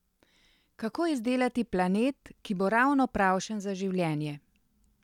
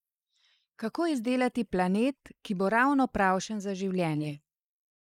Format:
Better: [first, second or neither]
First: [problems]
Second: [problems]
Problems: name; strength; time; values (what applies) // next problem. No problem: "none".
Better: first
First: none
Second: noise reduction (neural mask model Resemble Enhance denoiser)